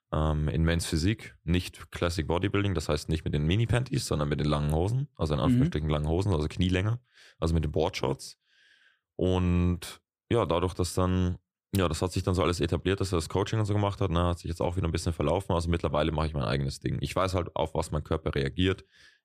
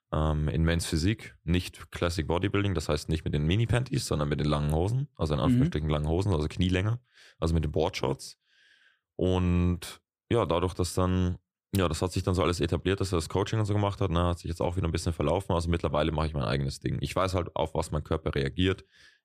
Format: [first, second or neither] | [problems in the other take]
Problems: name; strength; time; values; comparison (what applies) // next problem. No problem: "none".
neither | none